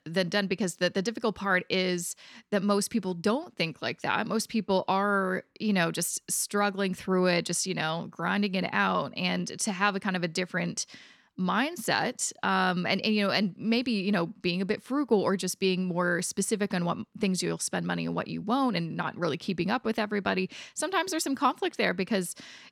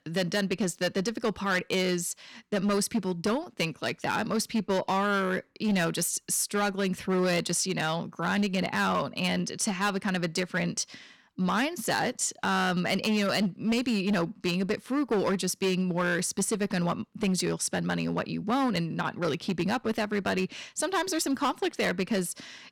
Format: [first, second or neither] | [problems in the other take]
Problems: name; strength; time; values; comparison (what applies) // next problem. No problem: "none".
first | distortion; slight; 9% of the sound clipped